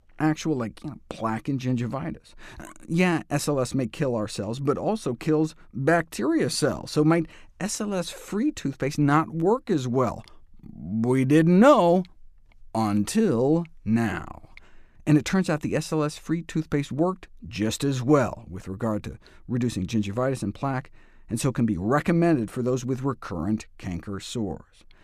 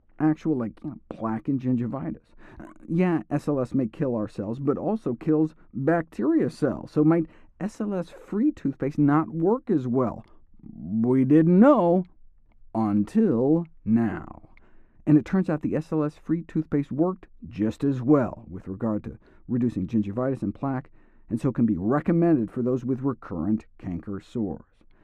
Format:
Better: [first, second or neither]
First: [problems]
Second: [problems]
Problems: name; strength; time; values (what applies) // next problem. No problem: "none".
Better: first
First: none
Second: muffled; very; fading above 2.5 kHz